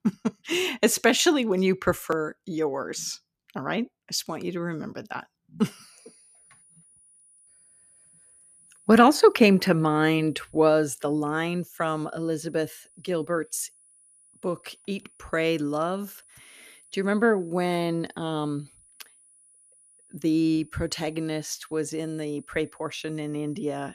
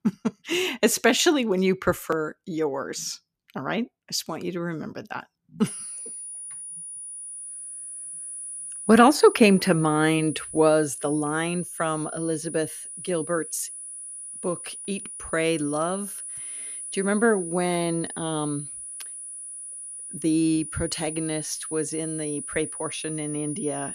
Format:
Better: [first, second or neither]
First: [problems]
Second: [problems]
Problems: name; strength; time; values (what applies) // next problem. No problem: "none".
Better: first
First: high-pitched whine; faint; from 5.5 s on; 10 kHz, 30 dB below the speech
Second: high-pitched whine; loud; from 5.5 s on; 10 kHz, 9 dB below the speech